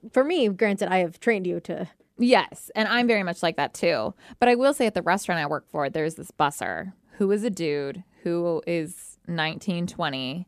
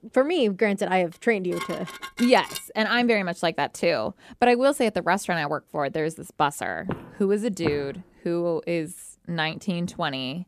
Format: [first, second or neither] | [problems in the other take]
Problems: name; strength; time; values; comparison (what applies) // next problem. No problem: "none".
first | clattering dishes; noticeable; from 1 to 2.5 s; peak 9 dB below the speech // footsteps; noticeable; at 7 s; peak 8 dB below the speech